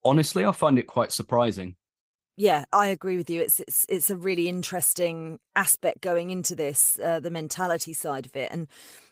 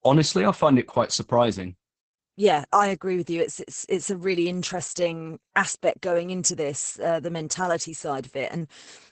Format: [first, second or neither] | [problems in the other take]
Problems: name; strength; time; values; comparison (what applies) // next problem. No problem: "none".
first | garbled, watery; badly; nothing above 8 kHz; slightly in the first